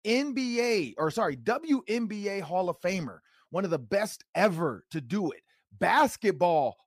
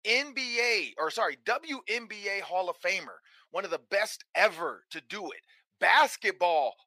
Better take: first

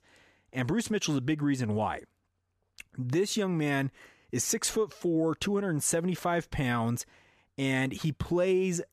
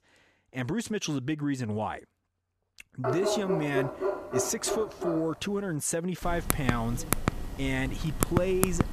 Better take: first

